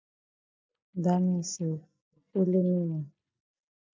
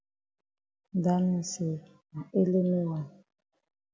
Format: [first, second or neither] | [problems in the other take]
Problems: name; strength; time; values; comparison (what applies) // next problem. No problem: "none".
second | noise reduction (neural mask model DeepFilterNet 3)